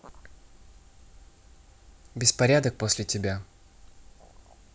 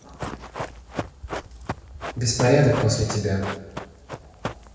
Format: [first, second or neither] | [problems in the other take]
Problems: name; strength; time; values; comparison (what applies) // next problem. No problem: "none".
first | background sound (Run); 9 dB below the speech // room echo; dies away in 1.2 s